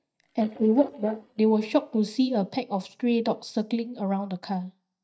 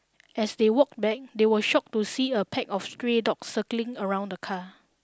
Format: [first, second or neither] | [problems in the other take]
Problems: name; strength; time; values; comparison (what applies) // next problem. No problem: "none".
second | noise reduction (neural mask model DeepFilterNet 3)